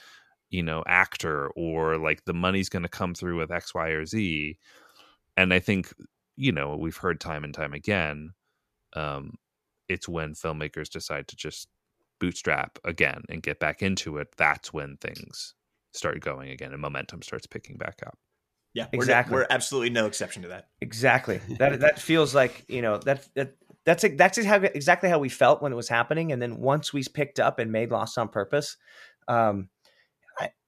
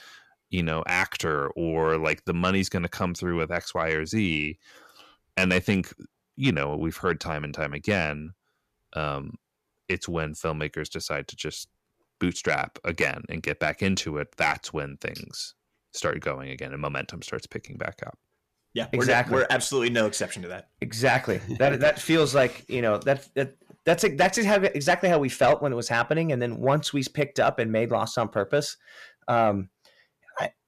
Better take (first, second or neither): first